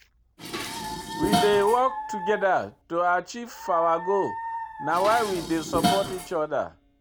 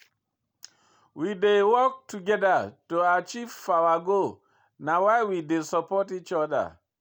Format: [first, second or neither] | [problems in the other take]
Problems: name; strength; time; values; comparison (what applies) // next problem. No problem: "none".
second | background sound (Dog + Dishes, pots, and pans); 5 dB below the speech